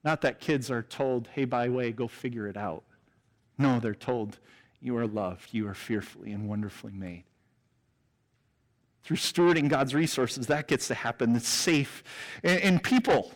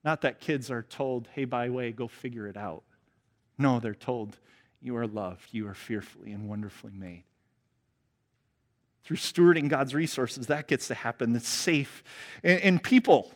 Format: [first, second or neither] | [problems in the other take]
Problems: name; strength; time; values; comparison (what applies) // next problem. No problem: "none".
second | distortion; heavy; 7 dB below the speech